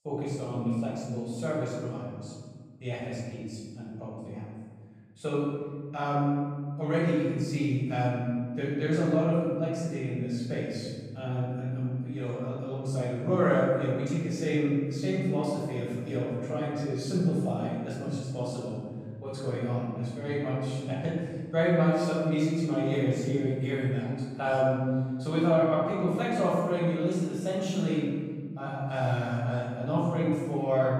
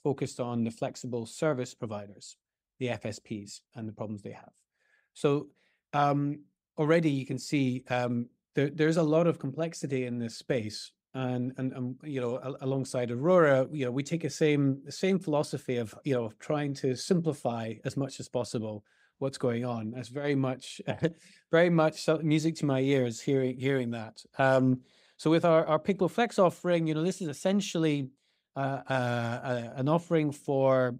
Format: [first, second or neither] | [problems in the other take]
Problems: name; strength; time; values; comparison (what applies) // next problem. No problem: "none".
second | off-mic speech; far // room echo; strong; dies away in 2 s